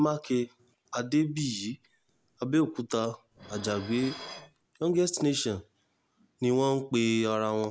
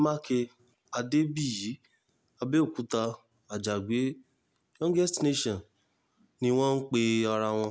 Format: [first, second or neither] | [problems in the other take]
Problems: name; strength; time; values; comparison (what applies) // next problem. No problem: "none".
second | background sound (Dishes, pots, and pans); 18 dB below the speech